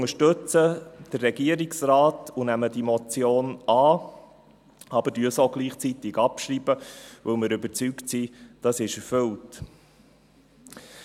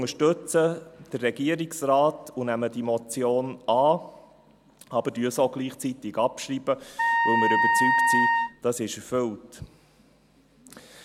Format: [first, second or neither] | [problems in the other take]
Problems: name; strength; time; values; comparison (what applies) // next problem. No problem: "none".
first | background sound (Wind instrument, woodwind instrument); 4 dB above the speech